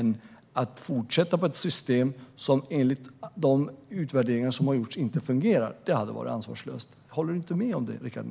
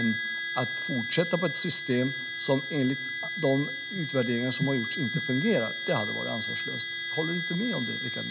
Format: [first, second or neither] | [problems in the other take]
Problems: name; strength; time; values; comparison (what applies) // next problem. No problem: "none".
first | background sound (Harmonica); 4 dB below the speech